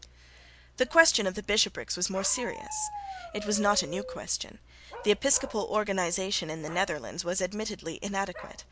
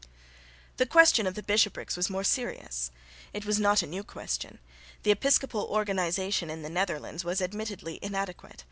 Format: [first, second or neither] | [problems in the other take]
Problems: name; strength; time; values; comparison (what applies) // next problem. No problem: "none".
second | background sound (Bark); 15 dB below the speech